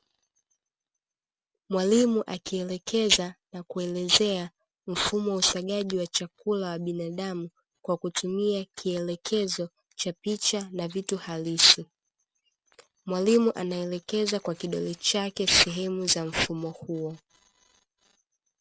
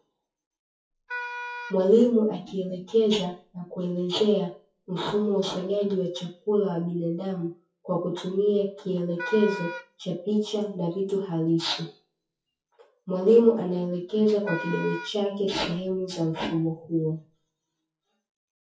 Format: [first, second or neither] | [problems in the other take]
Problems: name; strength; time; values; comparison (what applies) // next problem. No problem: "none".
first | noise reduction (classical method WPE with log-MMSE)